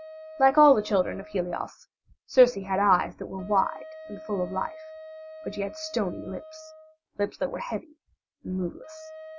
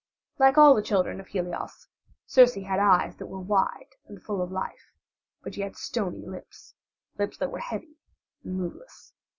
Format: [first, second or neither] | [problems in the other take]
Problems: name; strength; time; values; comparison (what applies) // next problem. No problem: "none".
second | background sound (Wind instrument, woodwind instrument); 17 dB below the speech